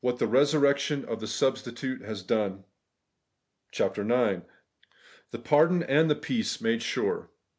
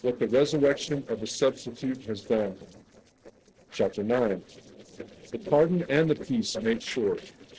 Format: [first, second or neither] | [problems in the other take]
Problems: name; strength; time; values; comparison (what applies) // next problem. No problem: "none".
first | noise reduction (neural separator model SepFormer DNS4)